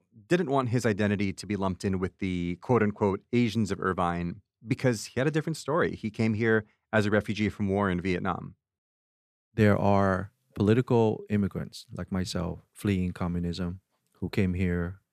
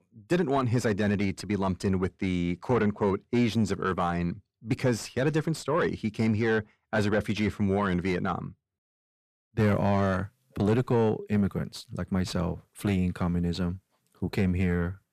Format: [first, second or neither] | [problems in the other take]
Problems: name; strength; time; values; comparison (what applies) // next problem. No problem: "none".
first | distortion; slight; 10 dB below the speech